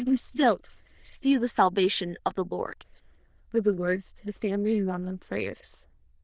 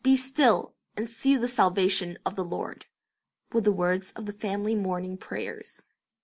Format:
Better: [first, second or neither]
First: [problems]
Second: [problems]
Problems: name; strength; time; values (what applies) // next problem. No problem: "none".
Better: second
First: noise reduction (neural diffusion model UNIVERSE++)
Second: none